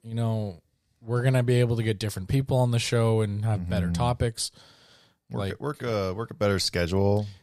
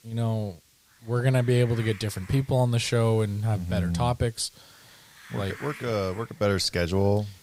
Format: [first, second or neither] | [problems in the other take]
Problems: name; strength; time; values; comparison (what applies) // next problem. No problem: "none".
first | hiss; faint; throughout; 20 dB below the speech